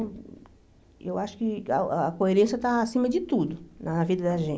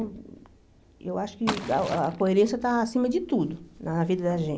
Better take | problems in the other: first | background sound (Liquid); 12 dB below the speech

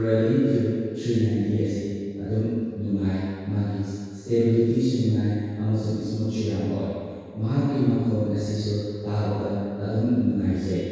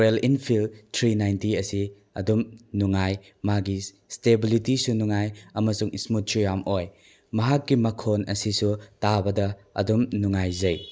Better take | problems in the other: second | room echo; dies away in 2 s

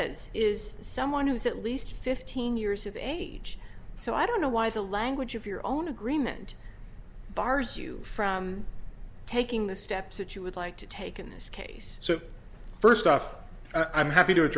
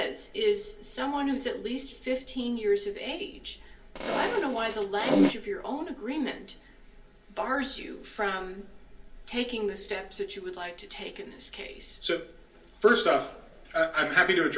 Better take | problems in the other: first | background sound (Fart); 3 dB above the speech // room echo; dies away in 0.3 s

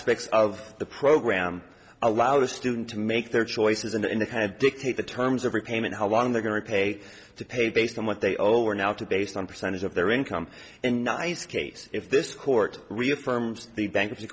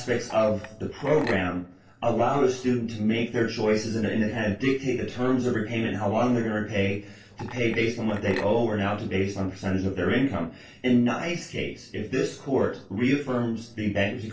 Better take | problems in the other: first | noise reduction (neural separator model SepFormer DNS4)

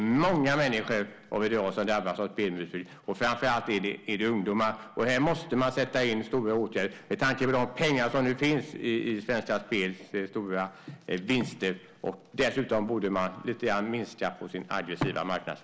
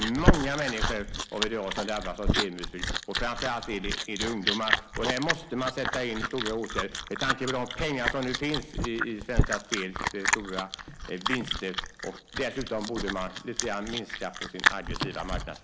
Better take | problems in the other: first | background sound (Chewing, mastication); 2 dB above the speech

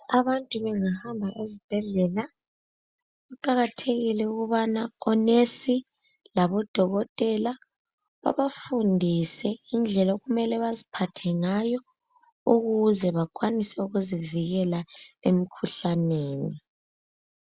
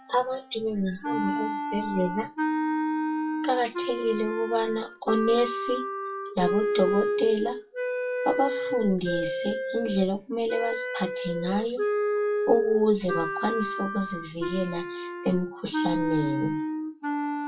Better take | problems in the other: first | noise reduction (classical method WPE with log-MMSE)

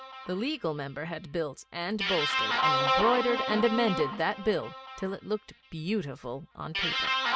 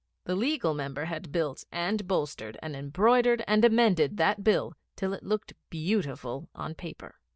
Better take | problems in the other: second | background sound (Guitar); 1 dB below the speech

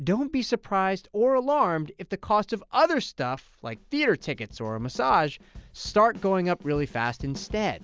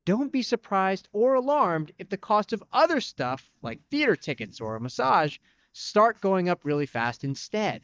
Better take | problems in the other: first | noise reduction (neural mask model DeepFilterNet 3)

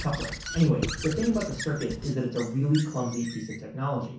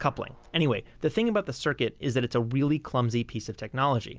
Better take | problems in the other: second | background sound (Squeak / Writing); 10 dB below the speech // room echo; dies away in 0.6 s

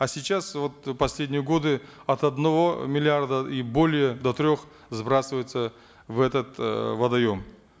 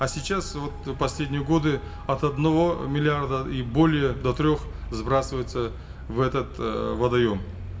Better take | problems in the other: first | background sound (Traffic noise, roadway noise); 11 dB below the speech // room echo; dies away in 0.7 s

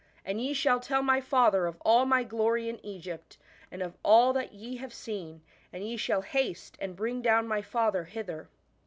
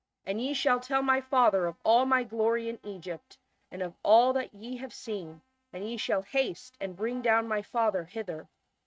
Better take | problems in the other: first | noise reduction (neural mask model RNNoise)

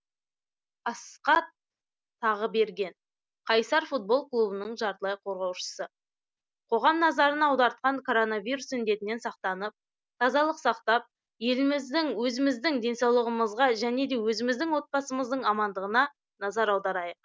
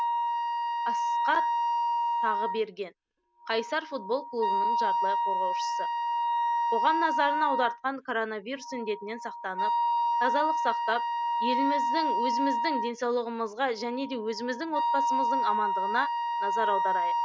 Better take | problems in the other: first | background sound (Wind instrument, woodwind instrument); 4 dB above the speech

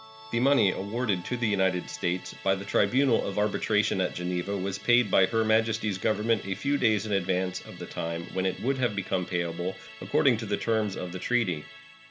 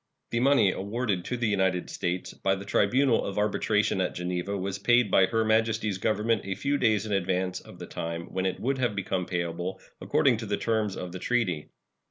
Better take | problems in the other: second | background sound (Musical instrument); 18 dB below the speech

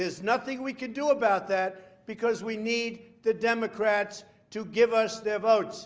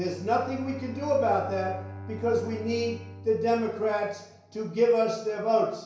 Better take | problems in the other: first | background sound (Bowed string instrument); 15 dB below the speech // room echo; dies away in 0.6 s

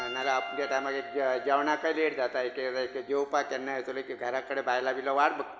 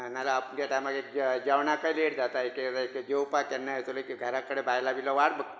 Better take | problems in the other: second | background sound (Piano); 14 dB below the speech

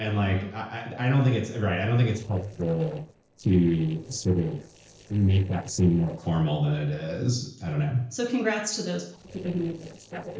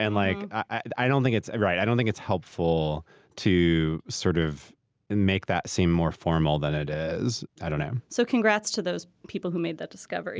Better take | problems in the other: second | noise reduction (neural separator model SepFormer DNS4)

